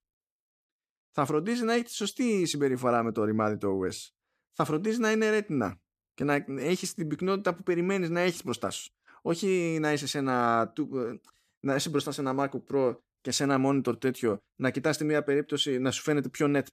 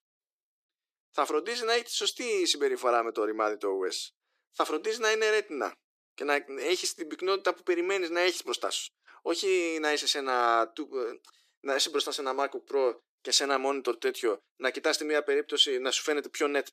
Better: first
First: none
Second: thin; somewhat; fading below 350 Hz

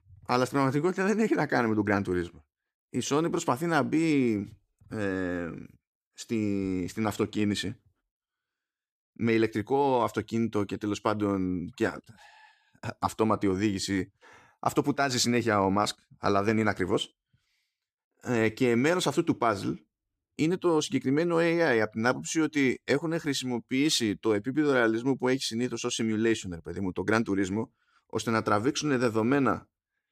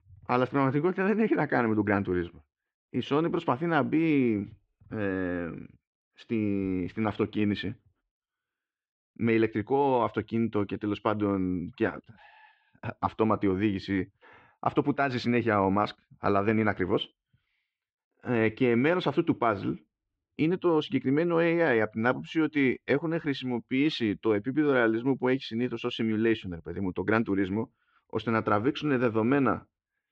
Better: first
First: none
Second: muffled; very; fading above 3 kHz

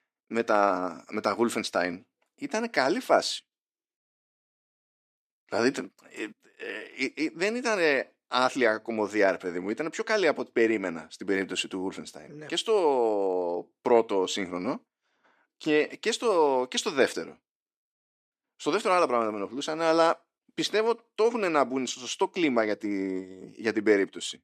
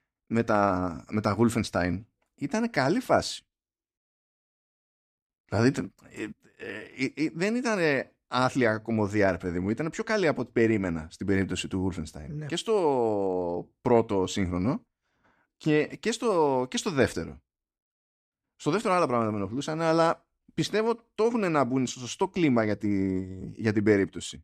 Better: second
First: thin; very slightly; fading below 400 Hz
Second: none

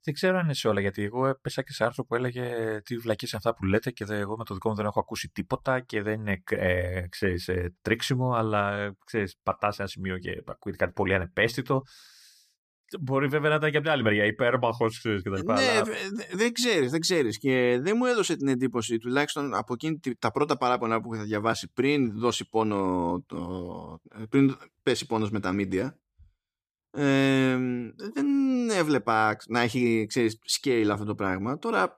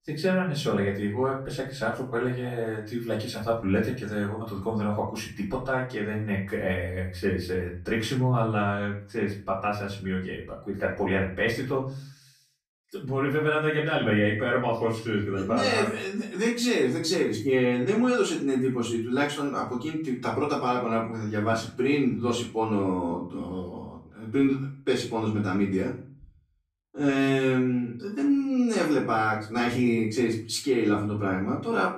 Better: first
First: none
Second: room echo; slight; dies away in 0.4 s // off-mic speech; far

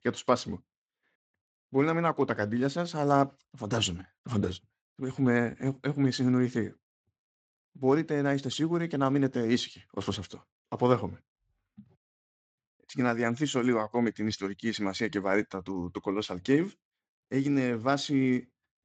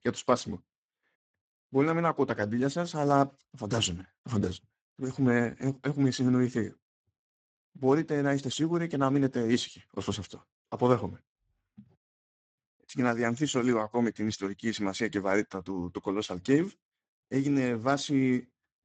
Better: first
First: garbled, watery; slightly; nothing above 7.5 kHz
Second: garbled, watery; badly; nothing above 7.5 kHz

